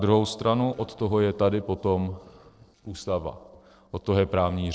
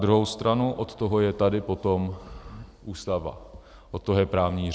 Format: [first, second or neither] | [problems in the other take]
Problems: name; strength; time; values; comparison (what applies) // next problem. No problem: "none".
second | noise reduction (neural separator model SepFormer DNS4)